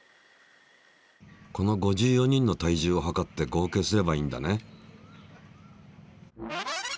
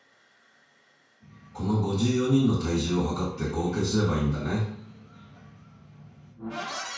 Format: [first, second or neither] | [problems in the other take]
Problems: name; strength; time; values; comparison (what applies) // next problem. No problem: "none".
first | room echo; dies away in 0.5 s